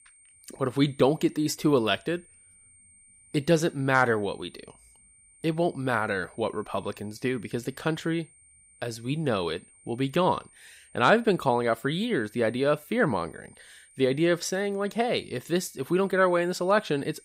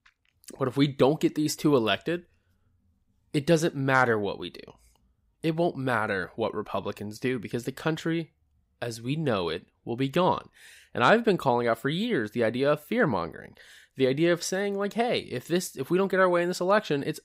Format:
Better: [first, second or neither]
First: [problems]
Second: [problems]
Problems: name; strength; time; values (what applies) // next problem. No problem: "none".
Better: second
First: high-pitched whine; faint; throughout; 9 kHz, 30 dB below the speech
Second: none